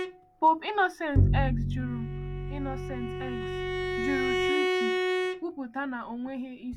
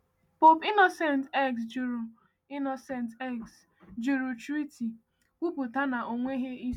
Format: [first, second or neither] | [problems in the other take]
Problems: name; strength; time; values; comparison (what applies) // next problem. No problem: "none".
second | background sound (Bowed string instrument + Bowed string instrument); 3 dB above the speech